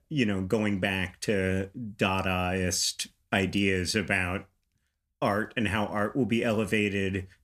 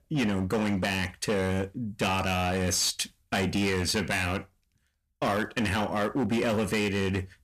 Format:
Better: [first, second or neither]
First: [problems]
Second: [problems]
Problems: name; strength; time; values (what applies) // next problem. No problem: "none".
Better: first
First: none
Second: distortion; heavy; 14% of the sound clipped